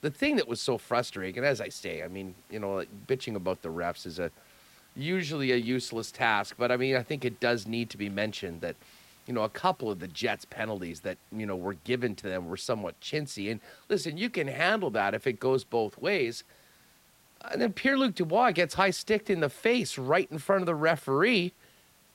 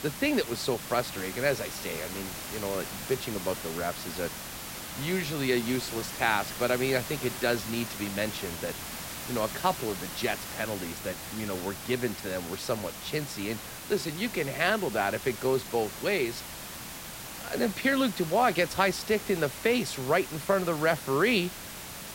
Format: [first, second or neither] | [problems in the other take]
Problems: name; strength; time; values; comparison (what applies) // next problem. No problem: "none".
first | hiss; loud; throughout; 8 dB below the speech; faint in the first